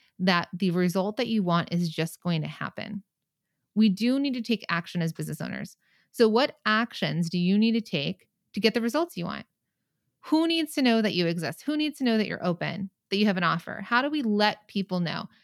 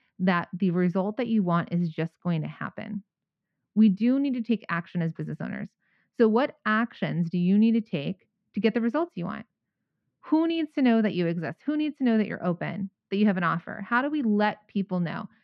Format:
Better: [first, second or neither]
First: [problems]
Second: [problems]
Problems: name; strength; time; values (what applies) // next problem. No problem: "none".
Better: first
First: none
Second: muffled; very; fading above 2 kHz